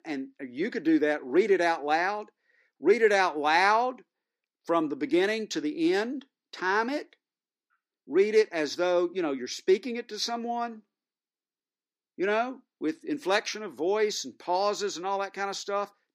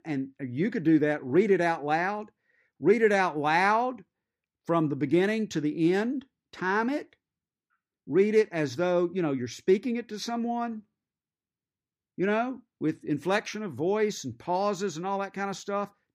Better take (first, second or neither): second